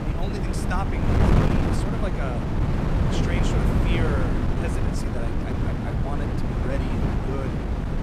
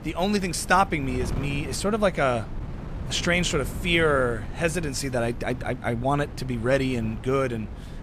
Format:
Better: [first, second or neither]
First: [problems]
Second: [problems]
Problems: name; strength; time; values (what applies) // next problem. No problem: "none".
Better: second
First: wind noise on the microphone; heavy; 4 dB above the speech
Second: wind noise on the microphone; occasional gusts; 20 dB below the speech